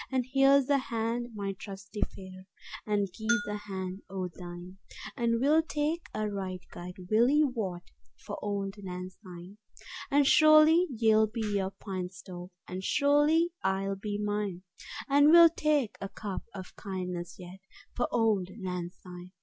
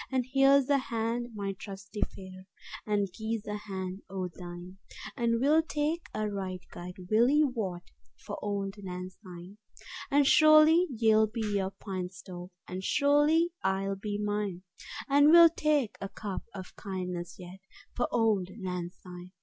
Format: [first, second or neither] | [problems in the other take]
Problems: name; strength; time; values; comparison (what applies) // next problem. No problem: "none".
second | background sound (Bell); 12 dB below the speech